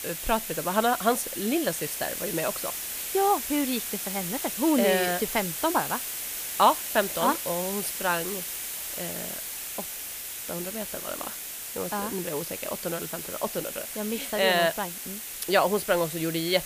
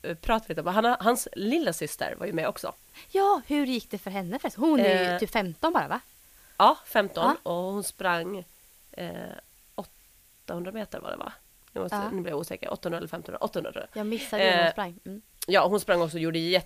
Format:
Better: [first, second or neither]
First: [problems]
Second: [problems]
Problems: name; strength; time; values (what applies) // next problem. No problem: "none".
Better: second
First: hiss; loud; throughout; 4 dB below the speech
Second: hiss; faint; throughout; 30 dB below the speech